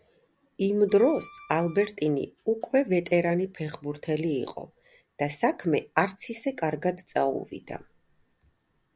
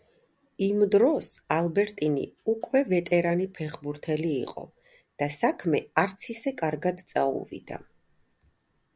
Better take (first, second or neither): second